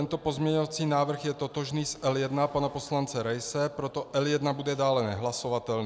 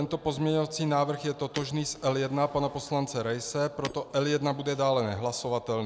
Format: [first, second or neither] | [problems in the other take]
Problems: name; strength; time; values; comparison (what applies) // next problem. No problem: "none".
first | background sound (Shatter); 19 dB below the speech